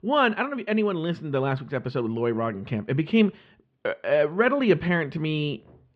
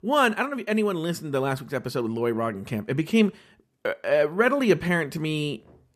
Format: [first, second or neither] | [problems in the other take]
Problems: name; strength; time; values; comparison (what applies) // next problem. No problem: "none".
second | muffled; slightly; fading above 3.5 kHz